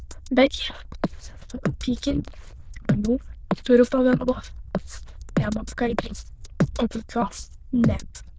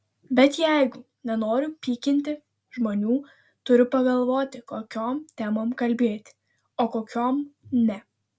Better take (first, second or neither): second